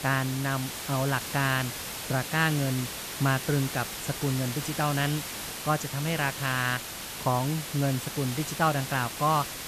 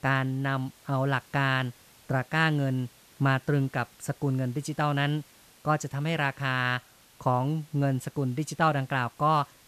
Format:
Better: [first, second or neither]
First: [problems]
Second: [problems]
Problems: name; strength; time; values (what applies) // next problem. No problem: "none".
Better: second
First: hiss; loud; throughout; 6 dB below the speech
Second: hiss; faint; throughout; 25 dB below the speech